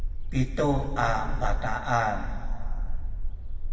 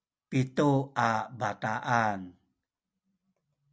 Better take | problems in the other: second | background sound (Bark); 2 dB above the speech // room echo; dies away in 2 s

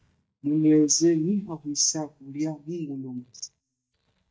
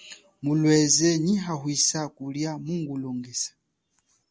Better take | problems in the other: second | noise reduction (neural mask model DeepFilterNet 3)

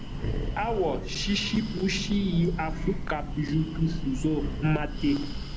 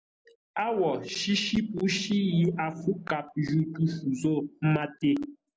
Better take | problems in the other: second | background sound (Breathing); 4 dB below the speech

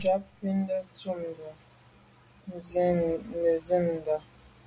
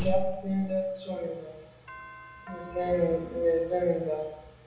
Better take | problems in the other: first | background sound (Doorbell); 19 dB below the speech // room echo; dies away in 0.8 s

